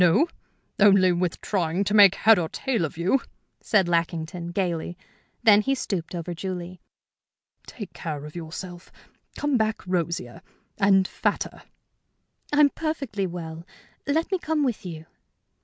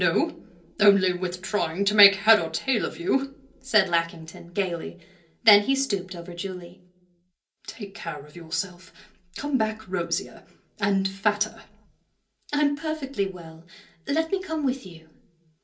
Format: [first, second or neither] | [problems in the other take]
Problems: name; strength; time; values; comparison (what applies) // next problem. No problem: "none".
first | room echo; dies away in 0.3 s